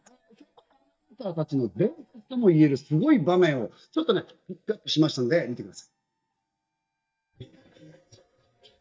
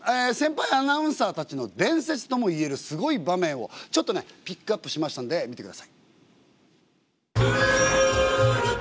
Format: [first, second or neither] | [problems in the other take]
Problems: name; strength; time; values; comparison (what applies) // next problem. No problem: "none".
second | noise reduction (neural mask model DeepFilterNet 3)